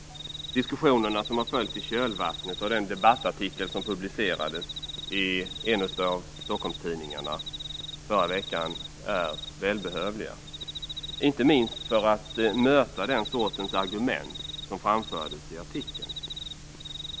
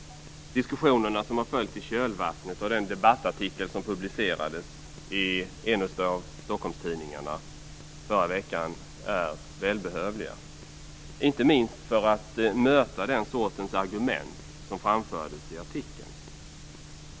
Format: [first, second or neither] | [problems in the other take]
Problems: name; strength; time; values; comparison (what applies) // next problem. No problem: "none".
second | background sound (Cricket); 11 dB below the speech